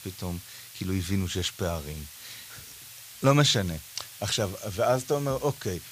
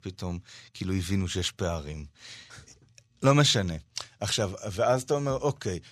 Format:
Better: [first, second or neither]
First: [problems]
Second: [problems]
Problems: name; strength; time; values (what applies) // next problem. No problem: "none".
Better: second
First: hiss; noticeable; throughout; 15 dB below the speech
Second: none